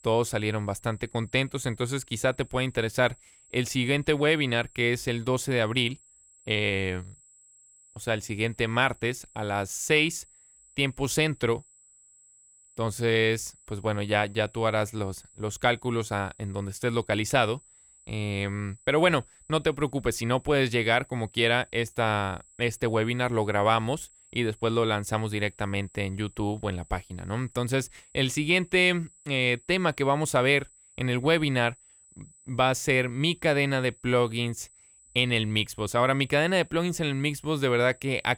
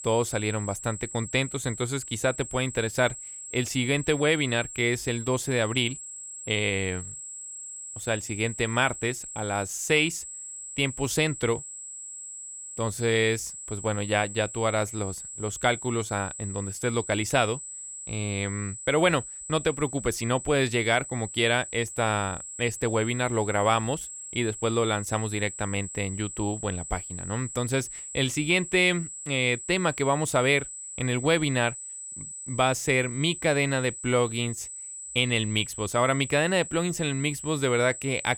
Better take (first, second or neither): first